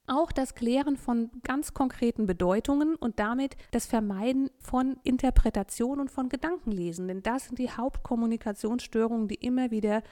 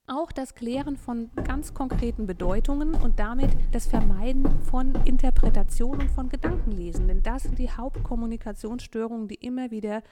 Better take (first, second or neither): first